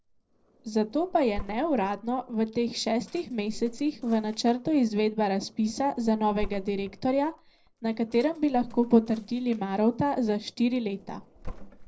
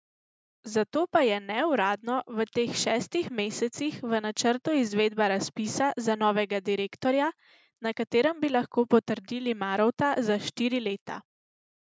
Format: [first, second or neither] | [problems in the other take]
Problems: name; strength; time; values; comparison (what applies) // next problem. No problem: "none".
second | noise reduction (neural separator model SepFormer DNS4)